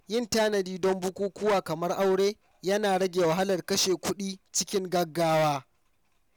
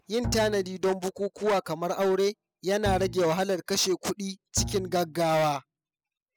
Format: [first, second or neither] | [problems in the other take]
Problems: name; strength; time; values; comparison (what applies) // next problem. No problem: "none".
first | noise reduction (classical method spectral subtraction)